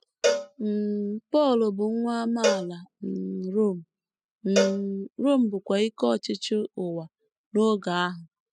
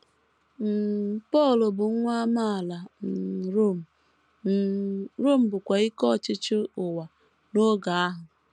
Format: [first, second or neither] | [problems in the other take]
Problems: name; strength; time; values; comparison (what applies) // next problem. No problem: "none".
second | noise reduction (classical method spectral subtraction)